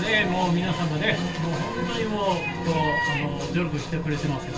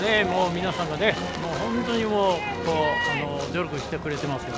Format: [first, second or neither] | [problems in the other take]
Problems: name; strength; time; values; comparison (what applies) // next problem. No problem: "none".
second | background sound (Gull, seagull / Fowl); 19 dB below the speech // room echo; dies away in 0.2 s